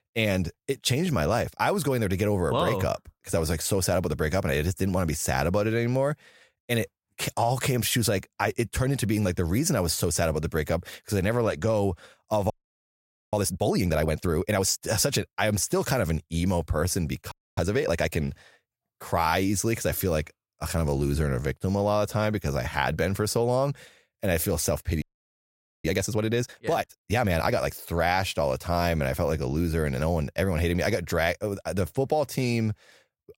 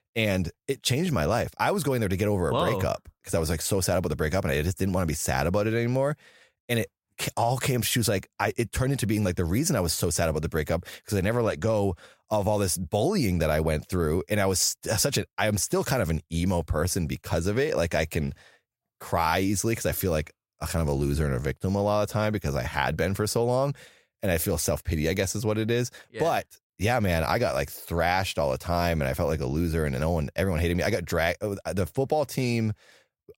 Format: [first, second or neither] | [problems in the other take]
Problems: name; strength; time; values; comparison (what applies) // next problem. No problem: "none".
second | audio freezing; at 13 s for 1 s, at 17 s and at 25 s for 1 s